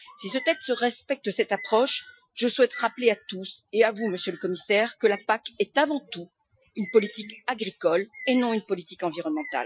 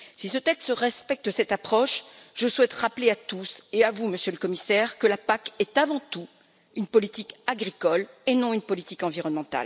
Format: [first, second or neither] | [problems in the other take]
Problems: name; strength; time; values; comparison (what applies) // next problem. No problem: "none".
second | noise reduction (classical method Wiener filter)